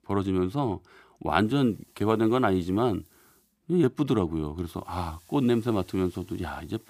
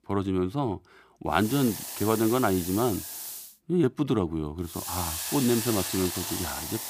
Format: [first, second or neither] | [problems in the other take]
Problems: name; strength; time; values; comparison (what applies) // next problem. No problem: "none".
first | hiss; loud; from 1.5 to 3.5 s and from 4.5 s on; 5 dB below the speech; faint in the first